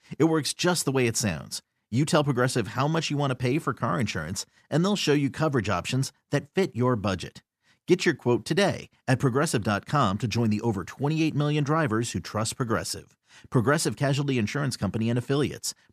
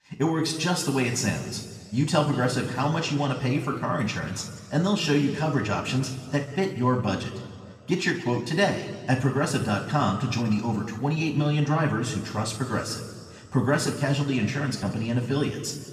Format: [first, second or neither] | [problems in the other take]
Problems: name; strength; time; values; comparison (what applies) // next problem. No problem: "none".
first | room echo; noticeable; dies away in 1.7 s // off-mic speech; somewhat distant